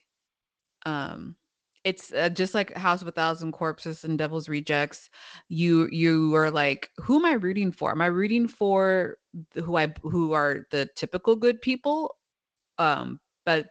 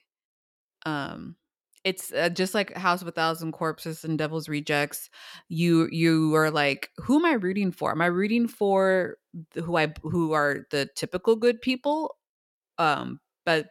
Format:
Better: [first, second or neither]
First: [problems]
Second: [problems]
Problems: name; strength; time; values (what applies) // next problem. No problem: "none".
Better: second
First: garbled, watery; slightly; nothing above 8 kHz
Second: none